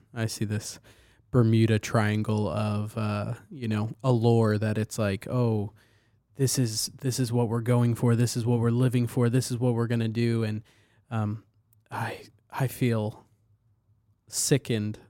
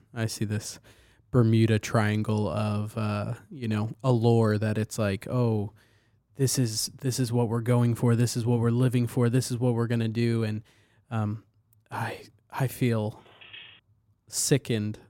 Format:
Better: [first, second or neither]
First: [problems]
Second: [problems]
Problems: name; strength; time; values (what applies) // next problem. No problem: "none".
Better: first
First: none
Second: phone ringing; faint; at 13 s; peak 20 dB below the speech